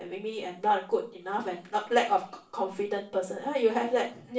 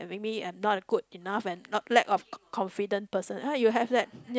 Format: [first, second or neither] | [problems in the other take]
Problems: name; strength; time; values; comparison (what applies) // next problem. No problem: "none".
second | room echo; dies away in 0.3 s